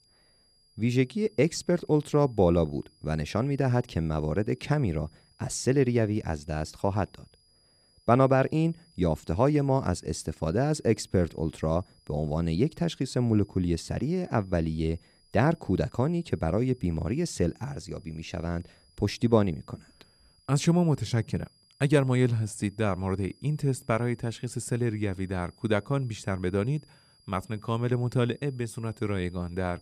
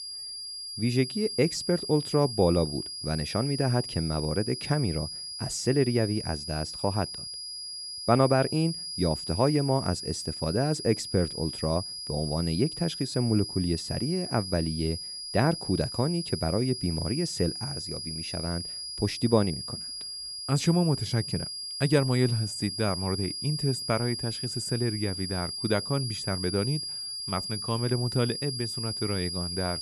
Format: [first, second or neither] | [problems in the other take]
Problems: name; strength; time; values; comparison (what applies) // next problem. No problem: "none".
first | high-pitched whine; loud; throughout; 5 kHz, 5 dB below the speech; faint in the first